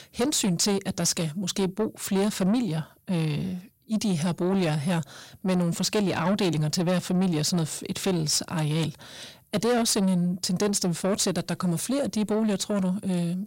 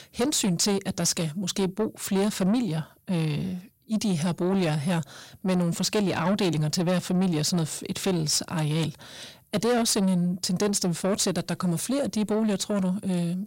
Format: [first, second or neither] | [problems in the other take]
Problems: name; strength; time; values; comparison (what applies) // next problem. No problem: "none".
neither | distortion; slight; 10 dB below the speech; the same in both